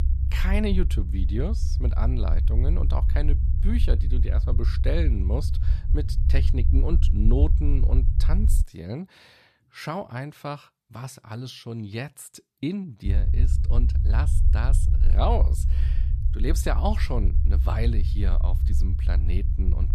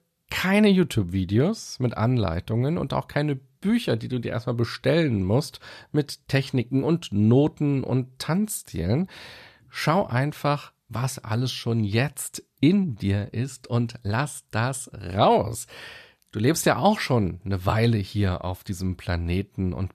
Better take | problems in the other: second | low rumble; loud; until 8.5 s and from 13 s on; 8 dB below the speech

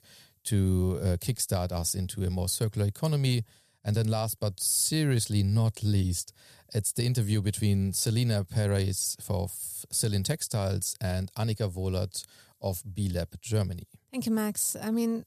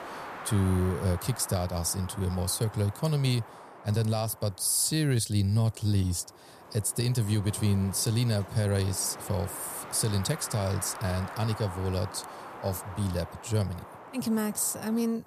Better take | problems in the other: first | wind noise on the microphone; heavy; 8 dB below the speech

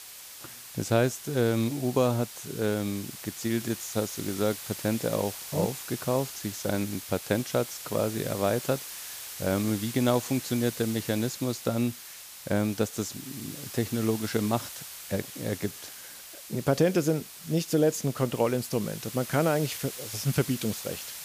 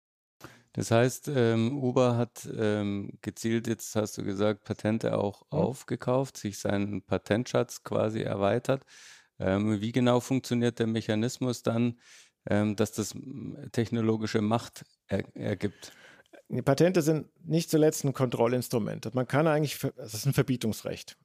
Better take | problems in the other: second | hiss; loud; throughout; 10 dB below the speech

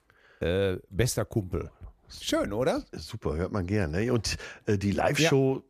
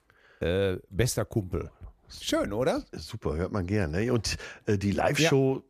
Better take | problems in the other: neither | none

